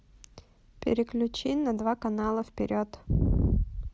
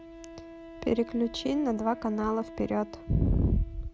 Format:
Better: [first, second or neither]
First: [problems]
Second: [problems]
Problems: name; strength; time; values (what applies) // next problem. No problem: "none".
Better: first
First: none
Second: background sound (Wind instrument, woodwind instrument); 17 dB below the speech